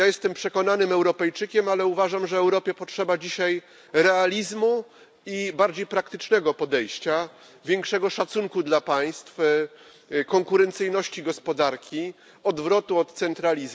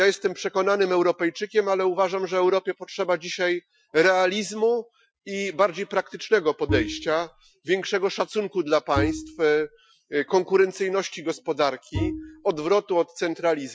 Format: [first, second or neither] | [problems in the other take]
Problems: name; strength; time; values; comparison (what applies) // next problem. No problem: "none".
first | noise reduction (classical method Wiener filter)